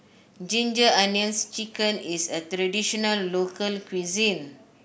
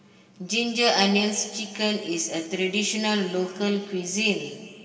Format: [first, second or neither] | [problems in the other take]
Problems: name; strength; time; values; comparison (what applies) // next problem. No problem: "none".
first | room echo; dies away in 2 s